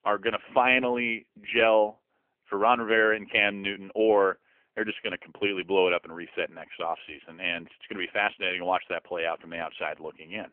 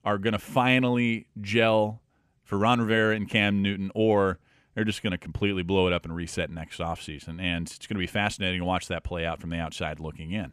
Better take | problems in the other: second | phone-call audio; poor line; nothing above 3 kHz

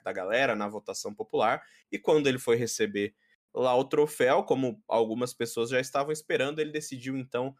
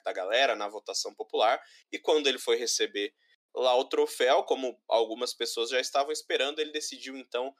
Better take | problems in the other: first | thin; somewhat; fading below 300 Hz

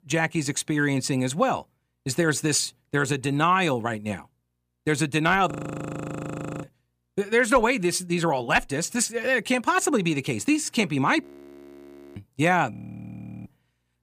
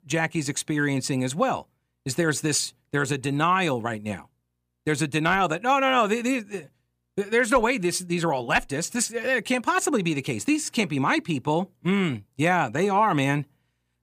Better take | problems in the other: second | audio freezing; at 5.5 s for 1 s, at 11 s for 1 s and at 13 s for 0.5 s

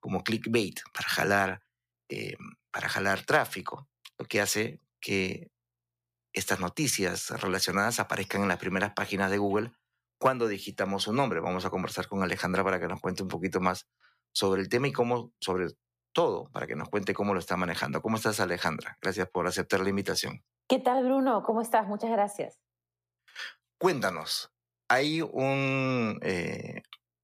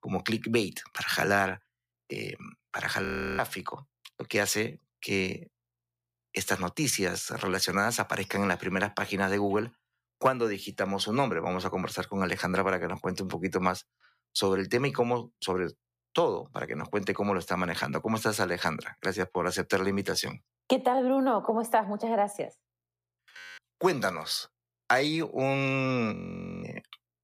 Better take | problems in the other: first | audio freezing; at 3 s, at 23 s and at 26 s

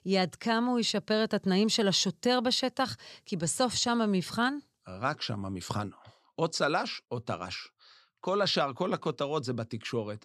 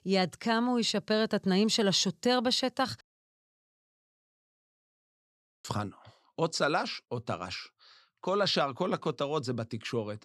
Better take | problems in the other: first | audio cutting out; at 3 s for 2.5 s

